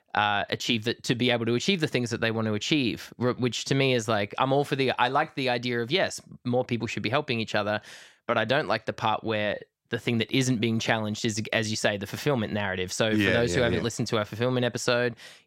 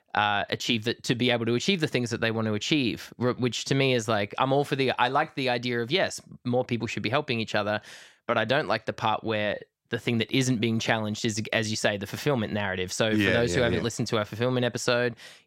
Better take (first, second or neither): neither